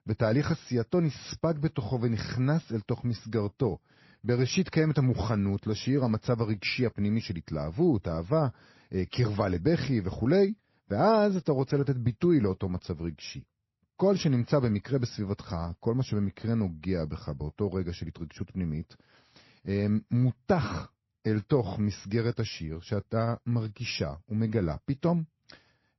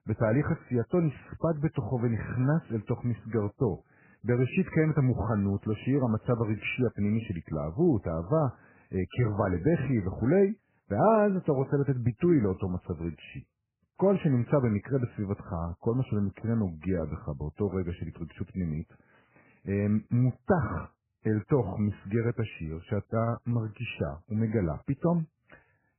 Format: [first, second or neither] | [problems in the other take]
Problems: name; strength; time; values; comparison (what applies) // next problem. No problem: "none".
first | garbled, watery; badly; nothing above 3 kHz; slightly in the first